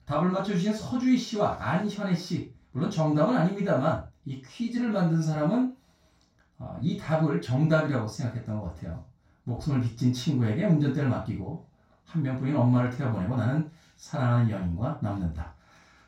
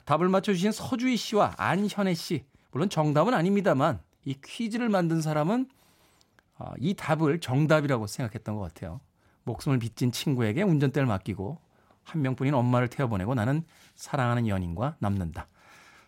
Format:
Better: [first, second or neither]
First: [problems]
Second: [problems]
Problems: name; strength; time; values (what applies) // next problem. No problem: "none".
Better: second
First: room echo; noticeable; dies away in 0.3 s // off-mic speech; far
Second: none